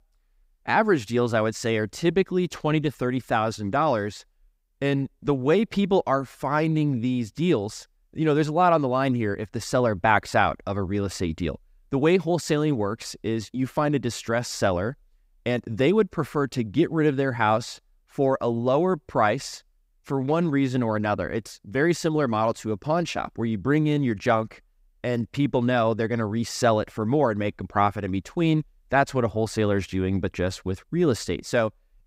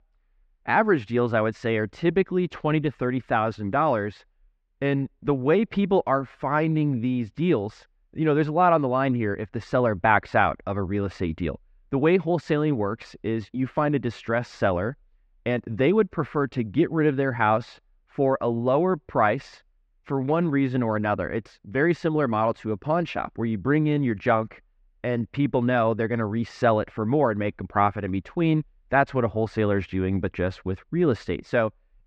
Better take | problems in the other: first | muffled; slightly; fading above 2.5 kHz

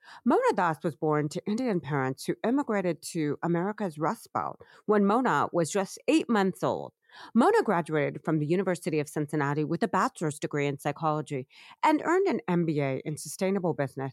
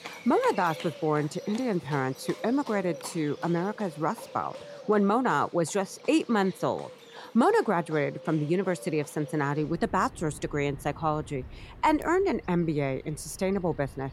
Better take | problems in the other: first | animal sounds; noticeable; throughout; 15 dB below the speech

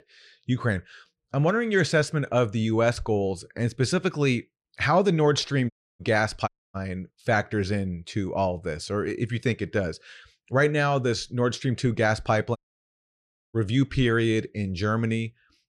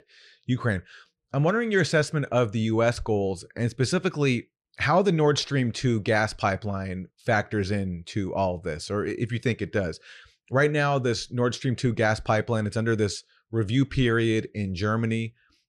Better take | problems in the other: second | audio cutting out; at 5.5 s, at 6.5 s and at 13 s for 1 s

